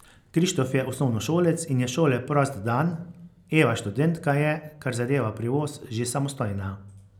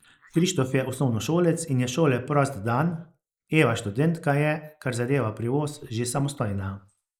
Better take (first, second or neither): first